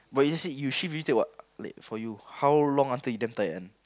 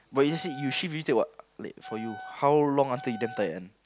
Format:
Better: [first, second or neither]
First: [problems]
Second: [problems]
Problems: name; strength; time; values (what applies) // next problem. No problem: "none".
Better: first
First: none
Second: background sound (Wind instrument, woodwind instrument); 16 dB below the speech